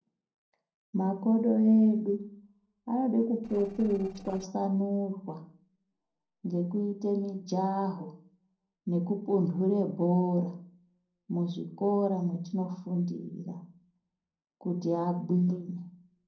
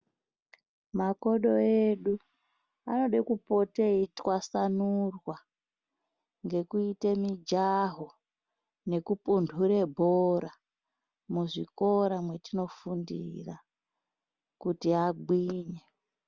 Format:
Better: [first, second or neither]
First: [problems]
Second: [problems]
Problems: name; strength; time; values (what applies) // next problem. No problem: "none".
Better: second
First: noise reduction (neural separator model SepFormer DNS4)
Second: none